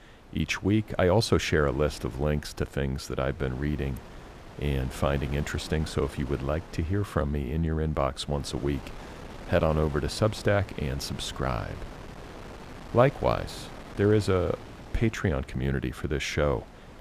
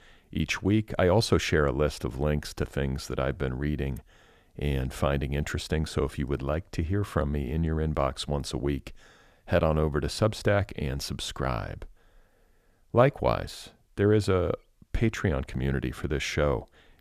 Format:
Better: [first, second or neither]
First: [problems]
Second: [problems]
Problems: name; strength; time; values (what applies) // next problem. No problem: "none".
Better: second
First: wind noise on the microphone; occasional gusts; 15 dB below the speech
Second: none